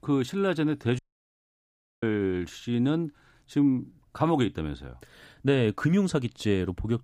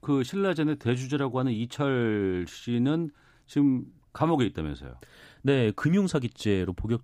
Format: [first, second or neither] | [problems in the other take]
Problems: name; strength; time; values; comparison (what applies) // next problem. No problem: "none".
second | audio cutting out; at 1 s for 1 s